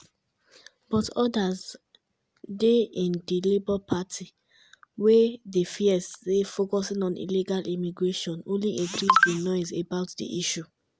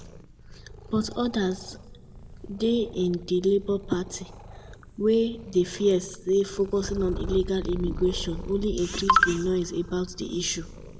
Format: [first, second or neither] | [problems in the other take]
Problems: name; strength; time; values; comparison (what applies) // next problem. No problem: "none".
first | background sound (Purr); 12 dB below the speech // room echo; dies away in 1.3 s